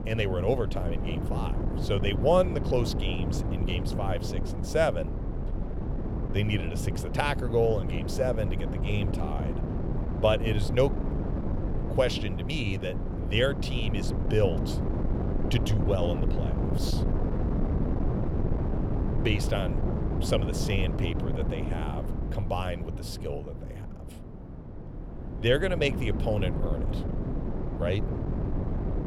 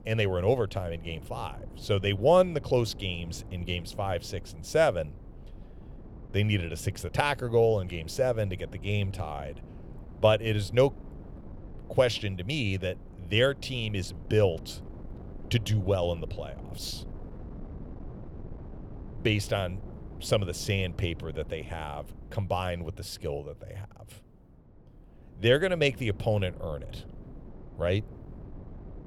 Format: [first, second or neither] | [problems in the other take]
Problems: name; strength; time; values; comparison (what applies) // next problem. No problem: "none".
second | wind noise on the microphone; heavy; 8 dB below the speech; occasional gusts in the second